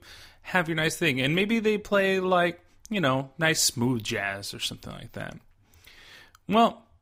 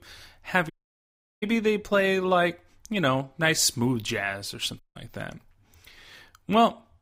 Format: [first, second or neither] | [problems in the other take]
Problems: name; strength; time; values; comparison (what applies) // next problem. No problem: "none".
first | audio cutting out; at 0.5 s for 0.5 s and at 5 s